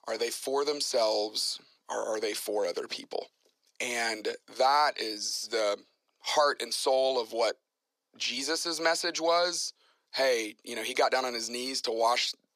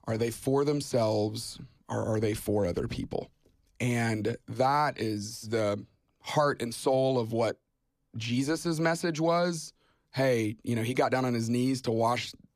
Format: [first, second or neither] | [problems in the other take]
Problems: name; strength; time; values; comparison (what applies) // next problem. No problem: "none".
second | thin; very; fading below 450 Hz